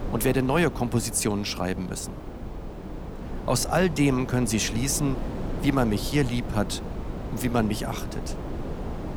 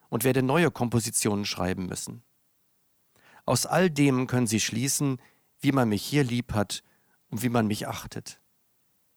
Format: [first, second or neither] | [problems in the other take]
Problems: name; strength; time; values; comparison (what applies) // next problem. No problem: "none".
second | wind noise on the microphone; occasional gusts; 10 dB below the speech